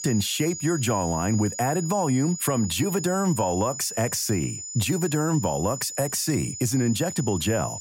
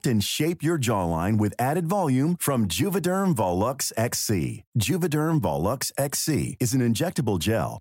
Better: second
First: high-pitched whine; loud; throughout; 7 kHz, 8 dB below the speech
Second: none

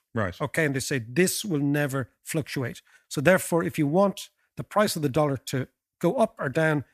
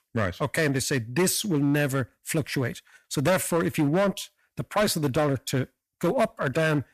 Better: first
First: none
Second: distortion; heavy; 7% of the sound clipped

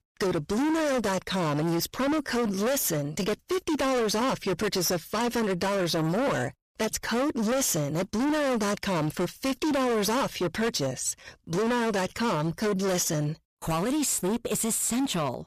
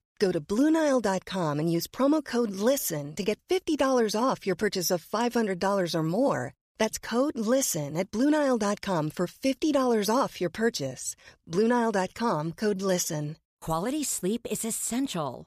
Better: second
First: distortion; heavy; 30% of the sound clipped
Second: none

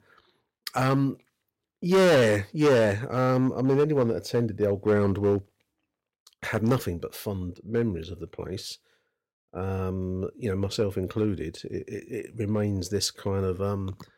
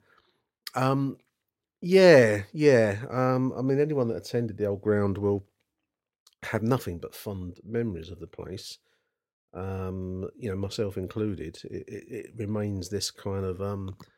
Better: second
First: distortion; heavy; 4% of the sound clipped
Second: none

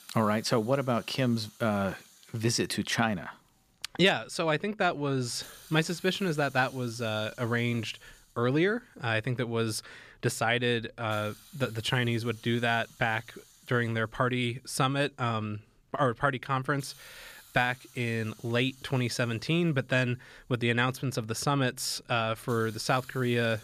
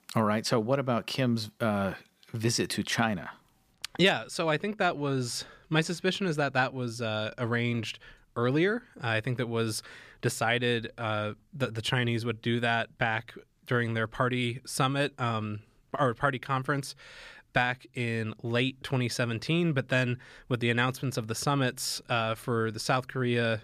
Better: second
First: hiss; faint; throughout; 25 dB below the speech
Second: none

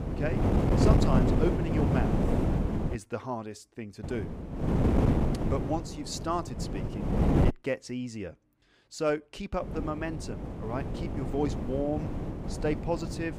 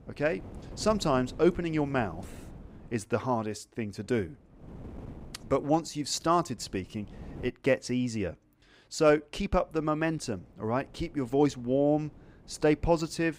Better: second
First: wind noise on the microphone; heavy; until 3 s, from 4 to 7.5 s and from 9.5 s on; as loud as the speech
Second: wind noise on the microphone; occasional gusts; until 3 s, from 4 to 7.5 s and from 9.5 s on; 25 dB below the speech

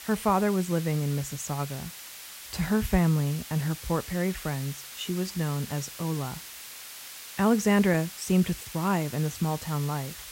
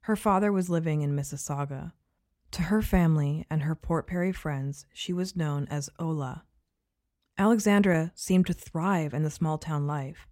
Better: second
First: hiss; noticeable; throughout; 10 dB below the speech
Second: none

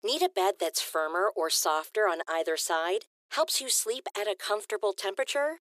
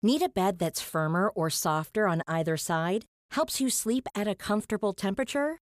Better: second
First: thin; very; fading below 350 Hz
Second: none

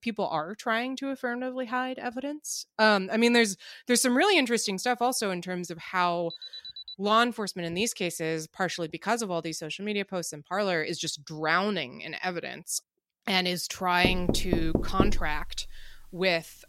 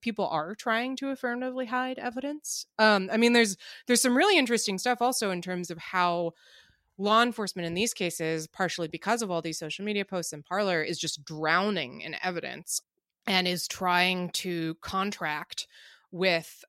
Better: second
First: alarm; faint; at 6.5 s; peak 10 dB below the speech // door banging; loud; from 14 to 16 s; peak 1 dB above the speech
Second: none

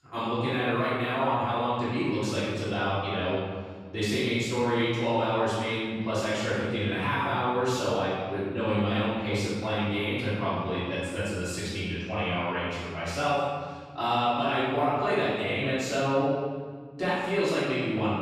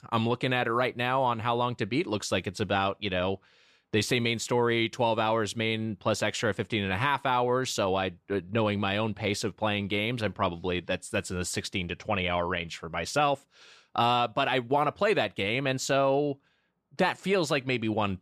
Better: second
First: off-mic speech; far // room echo; strong; dies away in 1.7 s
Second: none

